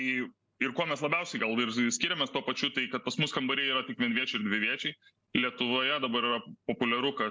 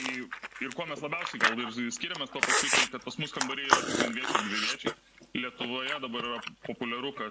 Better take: first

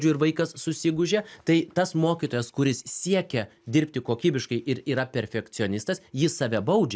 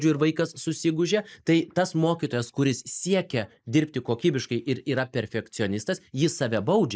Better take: first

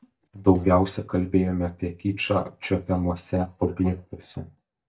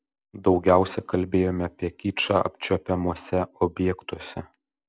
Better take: second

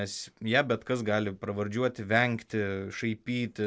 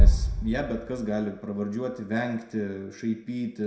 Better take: first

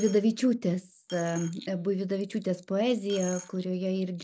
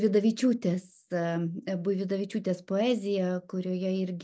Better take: second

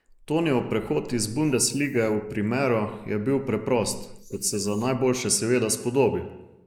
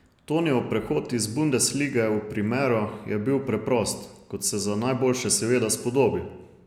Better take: second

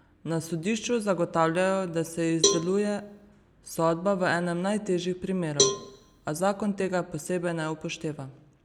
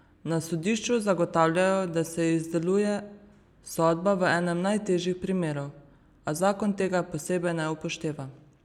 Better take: second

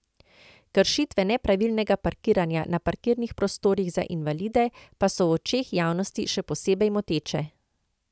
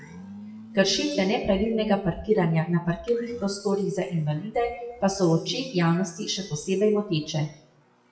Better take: first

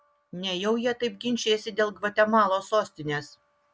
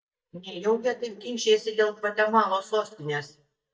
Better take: first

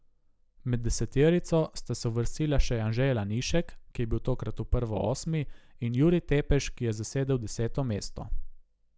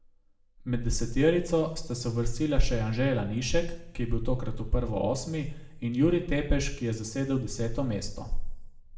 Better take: first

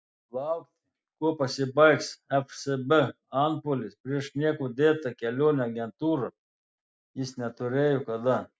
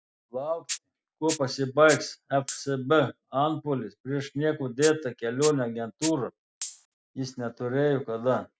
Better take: first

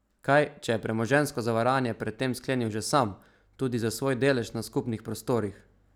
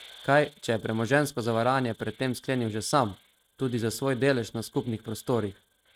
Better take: first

